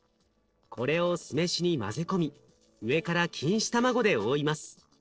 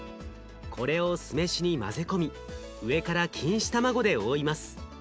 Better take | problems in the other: second | noise reduction (neural separator model SepFormer DNS4)

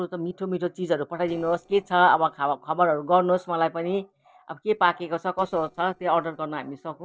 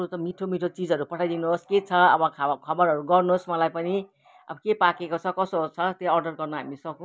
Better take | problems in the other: second | noise reduction (neural separator model SepFormer DNS4)

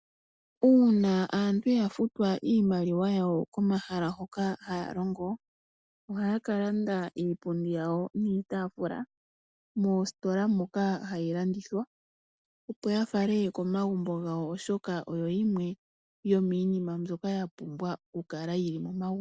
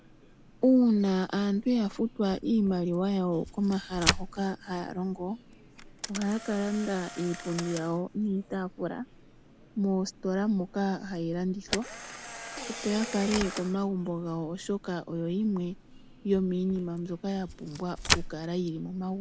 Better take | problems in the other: first | background sound (Camera); 10 dB below the speech

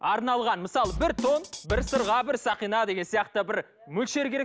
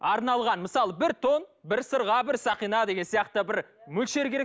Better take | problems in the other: second | background sound (Drum kit); 8 dB below the speech

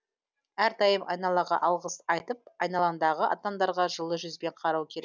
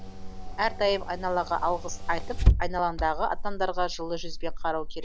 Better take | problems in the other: first | background sound (Engine / Car); 1 dB above the speech

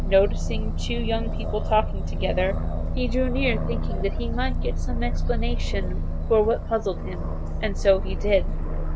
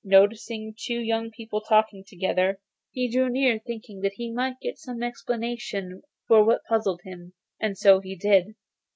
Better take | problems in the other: second | background sound (Aircraft); 2 dB above the speech

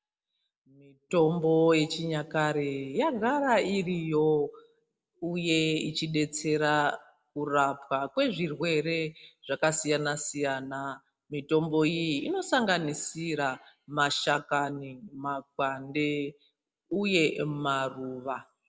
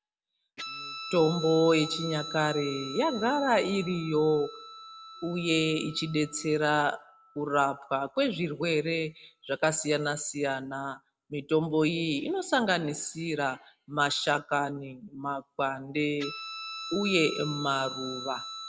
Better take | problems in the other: first | background sound (Guitar); 14 dB below the speech

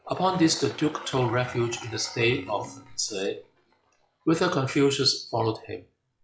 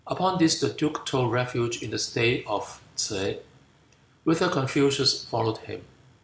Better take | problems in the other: second | noise reduction (classical method log-MMSE)

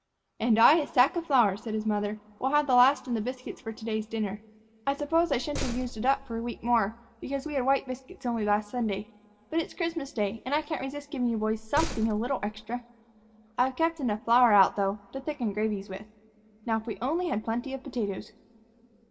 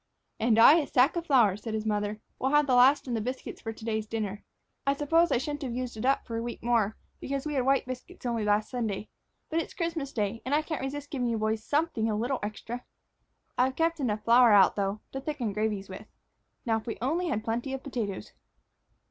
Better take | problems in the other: second | background sound (Slam); 8 dB below the speech // room echo; dies away in 1.4 s

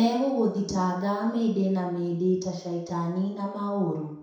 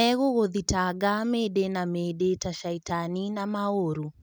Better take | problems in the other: second | room echo; dies away in 0.7 s

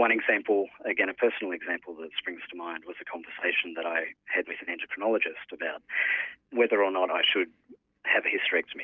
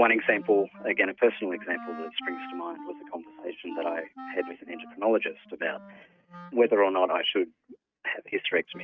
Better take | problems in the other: first | noise reduction (neural mask model RNNoise)

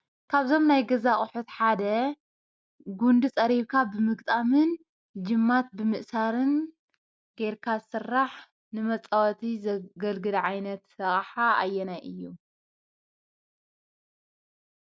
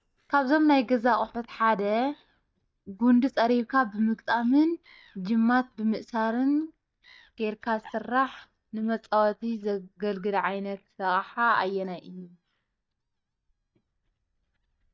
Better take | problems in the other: first | noise reduction (neural mask model DeepFilterNet 3)

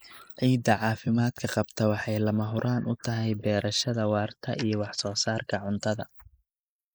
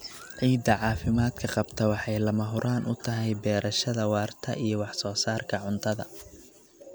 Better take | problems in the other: second | noise reduction (neural mask model Resemble Enhance denoiser)

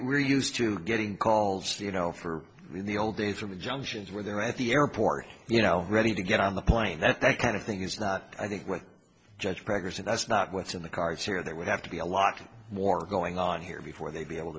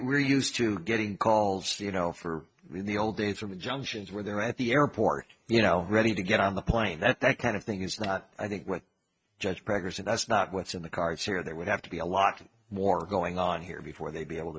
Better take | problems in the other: first | noise reduction (neural mask model RNNoise)

